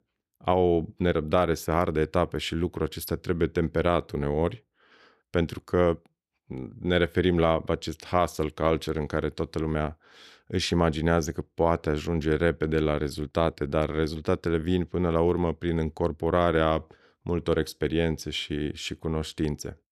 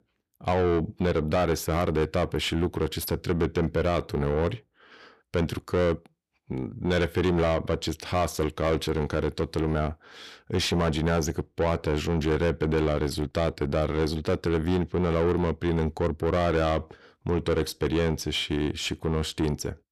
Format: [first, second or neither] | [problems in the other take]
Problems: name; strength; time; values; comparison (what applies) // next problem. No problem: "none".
first | distortion; heavy; 8 dB below the speech